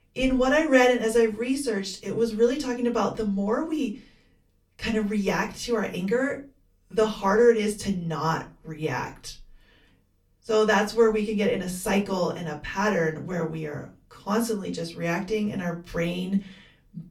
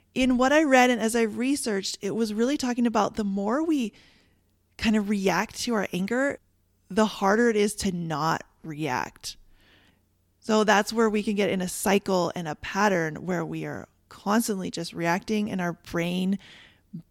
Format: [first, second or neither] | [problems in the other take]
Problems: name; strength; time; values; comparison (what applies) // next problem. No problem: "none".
second | off-mic speech; far // room echo; very slight; dies away in 0.2 s